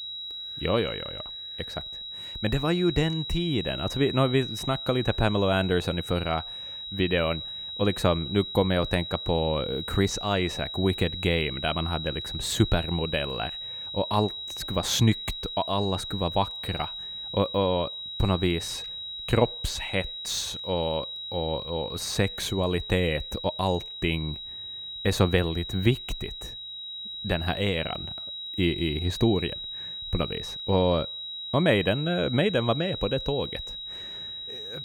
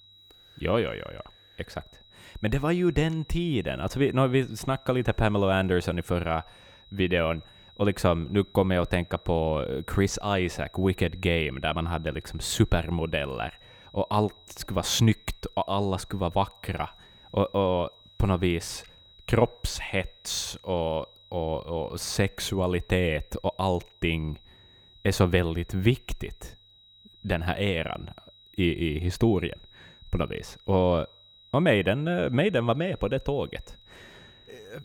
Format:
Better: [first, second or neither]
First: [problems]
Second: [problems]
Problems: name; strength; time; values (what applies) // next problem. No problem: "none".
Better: second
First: high-pitched whine; loud; throughout; 4 kHz, 7 dB below the speech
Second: high-pitched whine; faint; throughout; 4 kHz, 25 dB below the speech